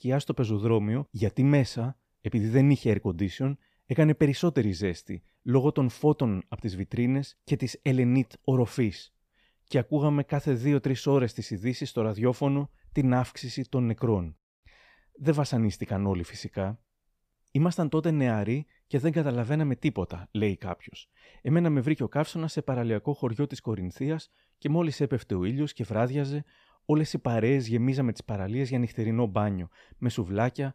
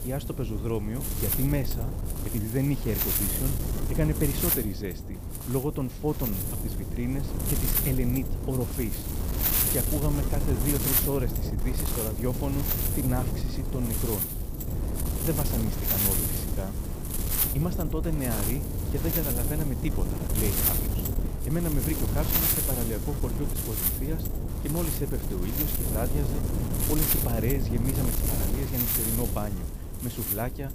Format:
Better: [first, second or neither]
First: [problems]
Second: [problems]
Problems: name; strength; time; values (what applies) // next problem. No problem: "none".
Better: first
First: none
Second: wind noise on the microphone; heavy; 1 dB above the speech